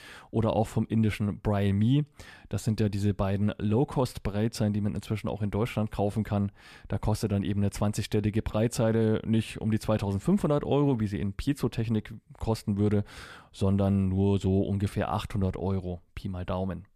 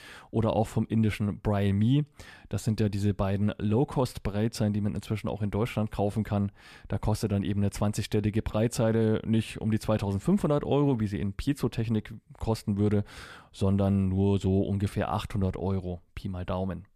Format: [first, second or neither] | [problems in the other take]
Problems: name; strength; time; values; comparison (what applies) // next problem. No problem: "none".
neither | none